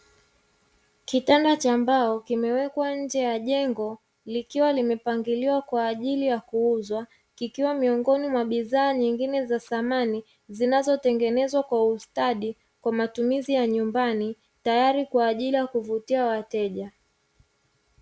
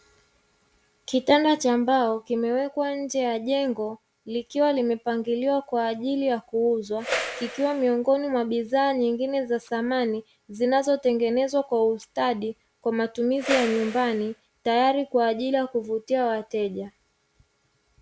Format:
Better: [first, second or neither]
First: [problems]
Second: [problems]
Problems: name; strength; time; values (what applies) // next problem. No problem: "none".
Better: first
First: none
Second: background sound (Whoosh, swoosh, swish); 7 dB below the speech